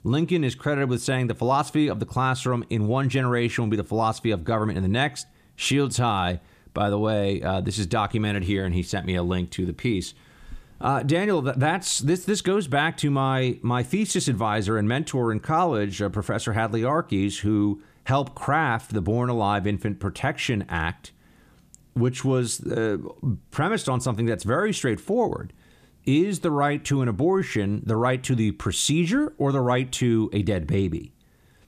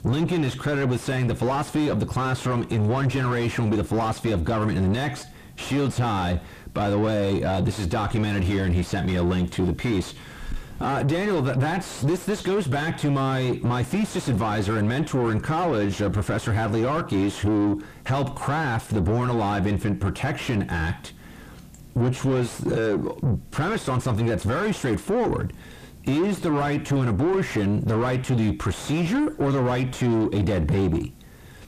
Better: first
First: none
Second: distortion; heavy; 5 dB below the speech

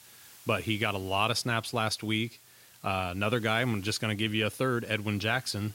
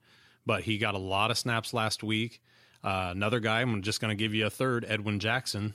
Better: second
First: hiss; faint; throughout; 20 dB below the speech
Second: none

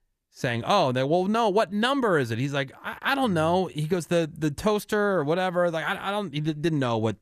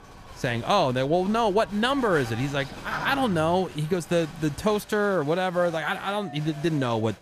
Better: first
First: none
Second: crowd noise; noticeable; throughout; 15 dB below the speech

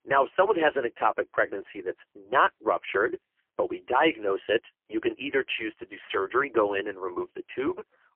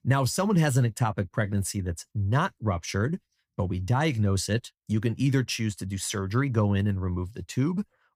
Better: second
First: phone-call audio; poor line; nothing above 3 kHz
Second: none

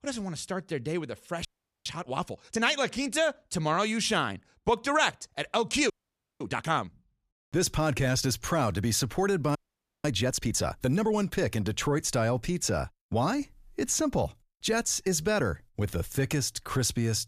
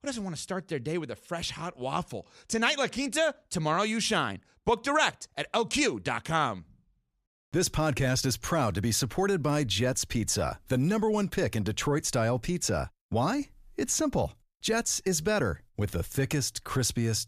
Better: second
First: audio freezing; at 1.5 s, at 6 s for 0.5 s and at 9.5 s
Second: none

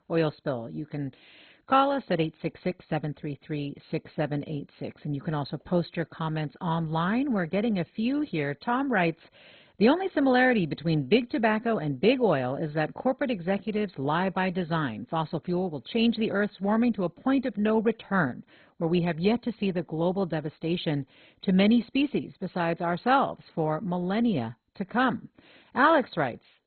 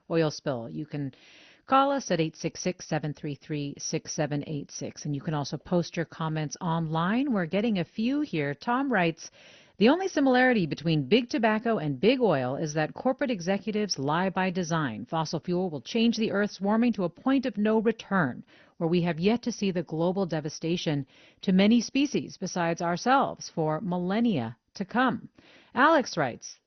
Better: second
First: garbled, watery; badly; nothing above 4 kHz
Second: garbled, watery; slightly; nothing above 6 kHz

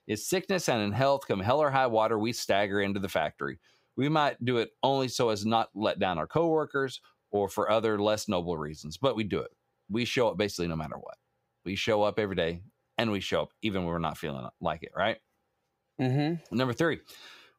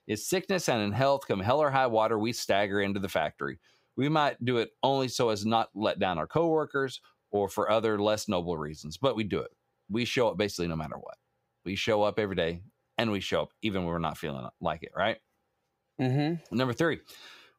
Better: neither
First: none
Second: none

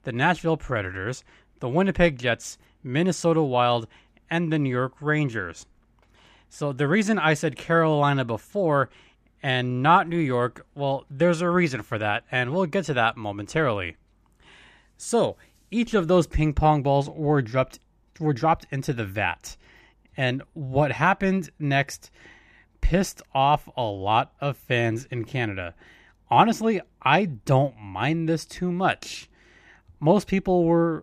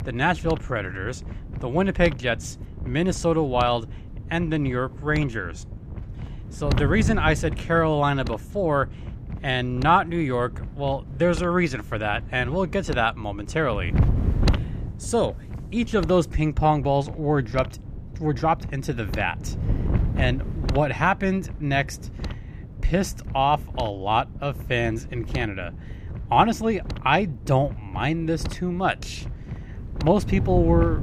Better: first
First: none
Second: wind noise on the microphone; occasional gusts; 15 dB below the speech

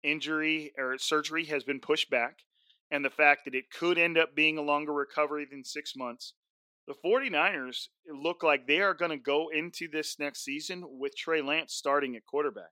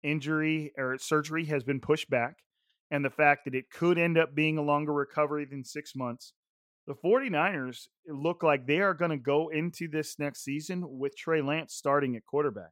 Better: second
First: thin; very slightly; fading below 250 Hz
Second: none

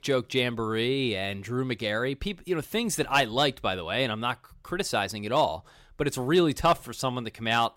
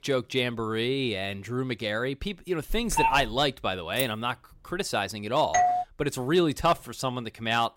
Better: first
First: none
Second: phone ringing; loud; at 2.5 s; peak 2 dB above the speech // jangling keys; noticeable; at 4 s; peak 7 dB below the speech // doorbell; loud; at 5.5 s; peak 4 dB above the speech

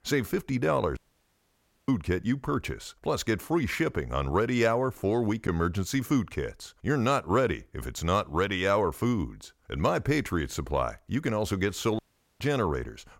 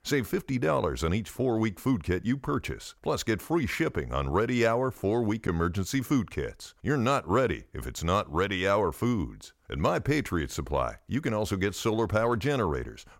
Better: second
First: audio cutting out; at 1 s for 1 s and at 12 s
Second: none

